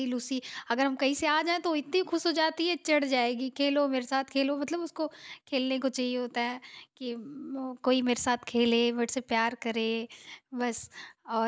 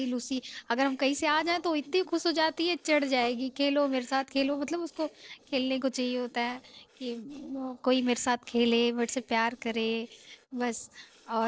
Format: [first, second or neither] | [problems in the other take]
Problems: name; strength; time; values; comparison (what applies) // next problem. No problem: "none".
first | noise reduction (neural separator model SepFormer DNS4)